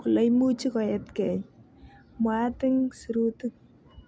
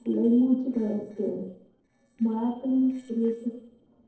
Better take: first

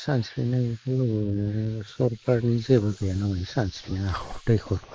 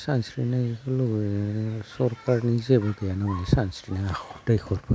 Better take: second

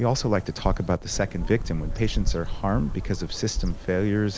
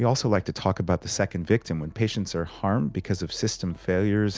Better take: second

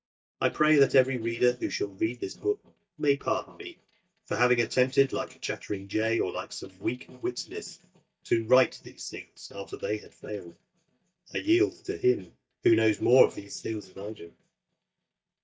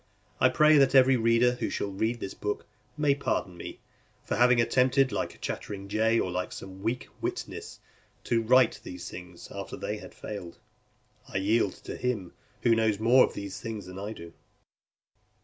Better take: second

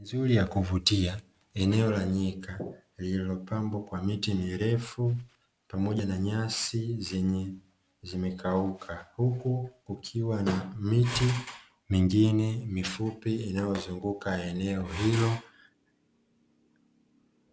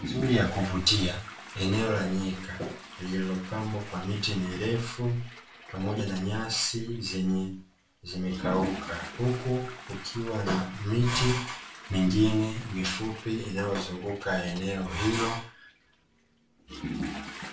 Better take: first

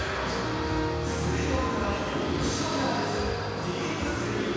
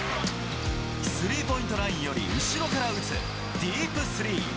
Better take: second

